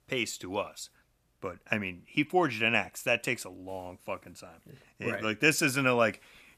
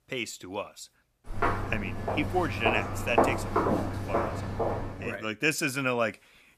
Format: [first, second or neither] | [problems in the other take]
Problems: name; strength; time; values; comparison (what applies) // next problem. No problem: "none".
first | footsteps; loud; from 1.5 to 5 s; peak 5 dB above the speech